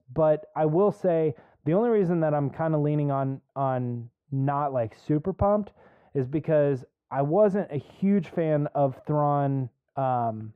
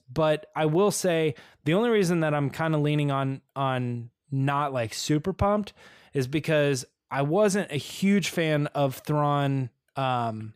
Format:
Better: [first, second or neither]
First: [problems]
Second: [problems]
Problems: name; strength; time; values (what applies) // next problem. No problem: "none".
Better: second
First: muffled; very; fading above 2.5 kHz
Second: none